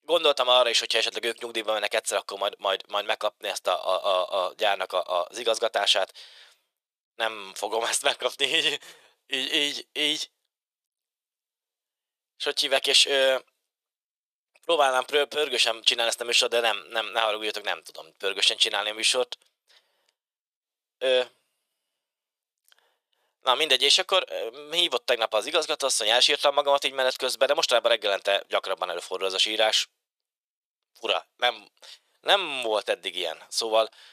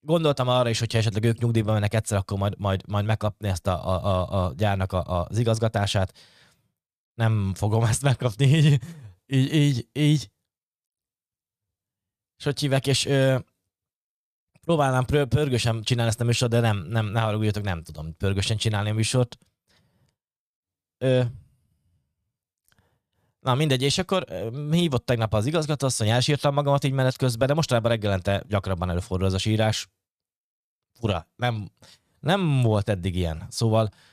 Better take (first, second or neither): second